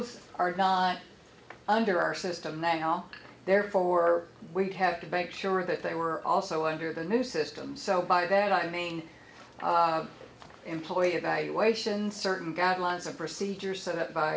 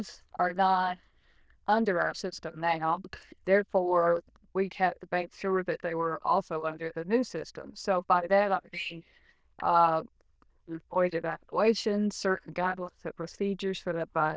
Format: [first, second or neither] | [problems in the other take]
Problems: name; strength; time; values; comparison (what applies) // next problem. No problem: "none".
first | noise reduction (neural diffusion model UNIVERSE++)